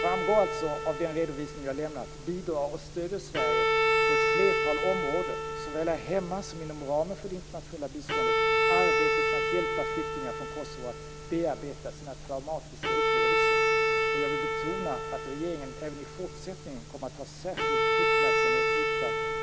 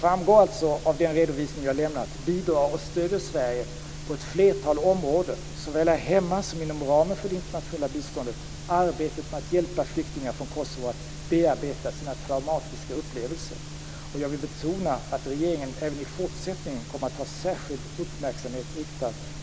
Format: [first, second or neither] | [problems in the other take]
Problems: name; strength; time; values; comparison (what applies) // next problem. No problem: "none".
second | background sound (Bowed string instrument); 5 dB above the speech